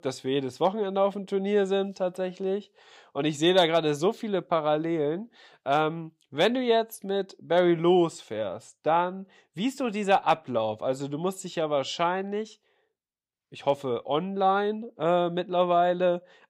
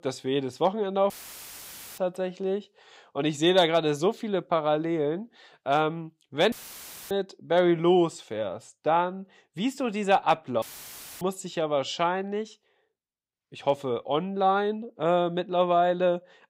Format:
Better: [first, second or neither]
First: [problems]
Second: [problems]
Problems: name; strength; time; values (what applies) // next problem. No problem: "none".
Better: first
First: none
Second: audio cutting out; filled with static; at 1 s for 1 s, at 6.5 s for 0.5 s and at 11 s for 0.5 s